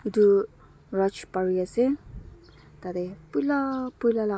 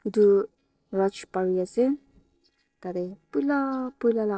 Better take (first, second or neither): first